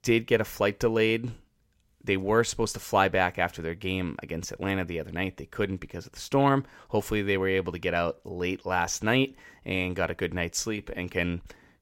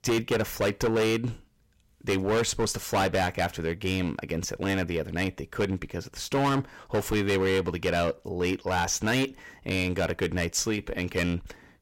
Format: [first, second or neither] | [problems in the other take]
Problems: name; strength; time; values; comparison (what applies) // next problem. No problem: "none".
first | distortion; heavy; 12% of the sound clipped